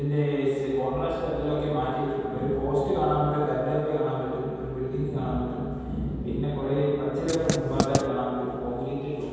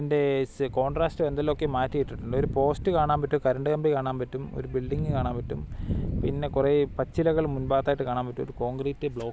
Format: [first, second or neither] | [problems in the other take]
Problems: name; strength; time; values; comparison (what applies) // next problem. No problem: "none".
second | background sound (Writing); 1 dB below the speech // room echo; dies away in 2.1 s